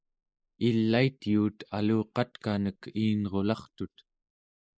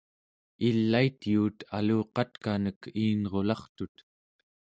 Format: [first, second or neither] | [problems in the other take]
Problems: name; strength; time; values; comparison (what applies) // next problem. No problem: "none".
second | noise reduction (neural mask model Resemble Enhance denoiser)